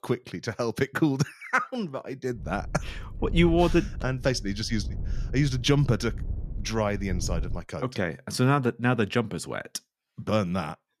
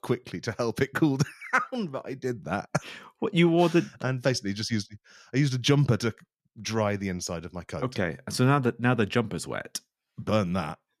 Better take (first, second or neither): second